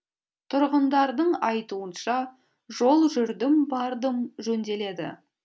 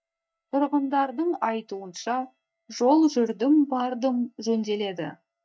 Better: first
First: none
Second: noise reduction (neural mask model DeepFilterNet 3)

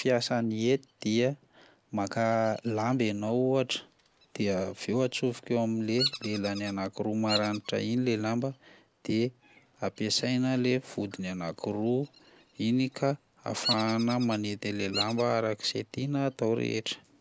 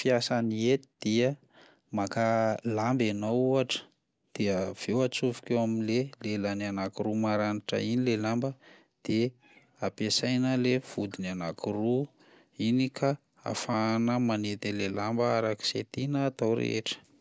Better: second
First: background sound (Bird vocalization, bird call, bird song); 13 dB below the speech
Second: none

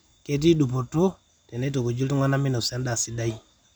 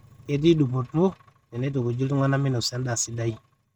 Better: first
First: none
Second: noise reduction (neural mask model RNNoise)

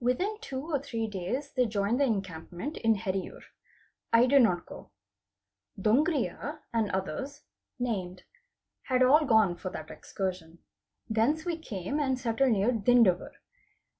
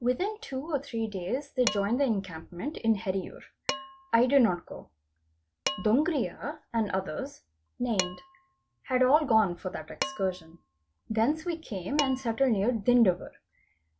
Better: first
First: none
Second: background sound (Dishes, pots, and pans); 13 dB below the speech

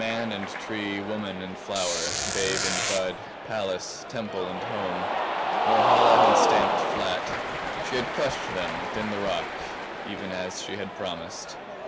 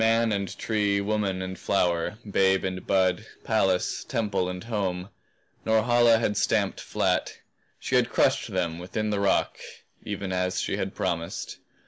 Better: second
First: background sound (Cheering + Squeak); 4 dB above the speech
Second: none

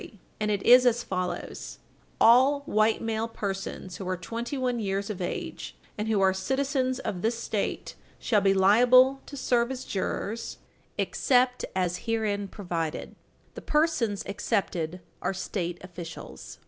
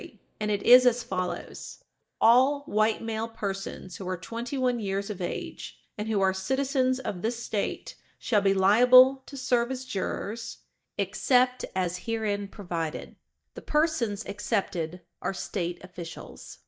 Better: first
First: none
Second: noise reduction (neural mask model DeepFilterNet 3)

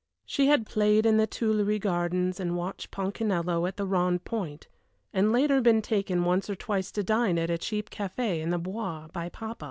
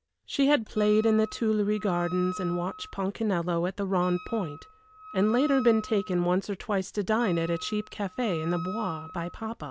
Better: first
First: none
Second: background sound (Wind instrument, woodwind instrument); 16 dB below the speech

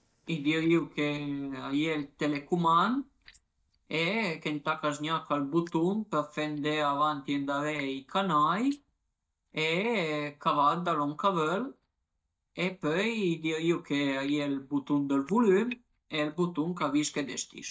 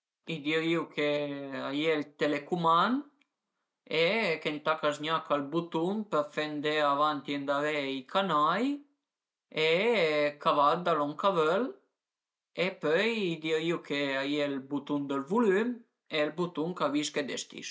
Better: second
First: noise reduction (neural mask model DeepFilterNet 3)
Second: none

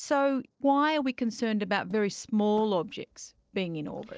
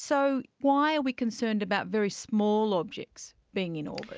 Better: second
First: noise reduction (neural separator model SepFormer DNS4)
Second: none

